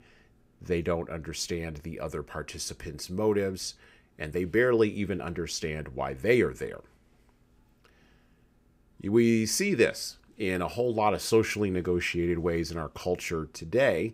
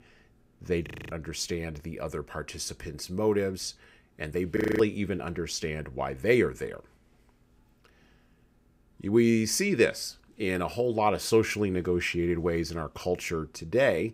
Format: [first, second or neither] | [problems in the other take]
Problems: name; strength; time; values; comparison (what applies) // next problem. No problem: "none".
first | audio freezing; at 1 s and at 4.5 s